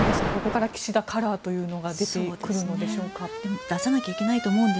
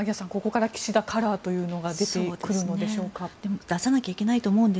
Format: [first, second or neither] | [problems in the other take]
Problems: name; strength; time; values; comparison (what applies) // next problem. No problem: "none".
second | background sound (Alarm); 6 dB below the speech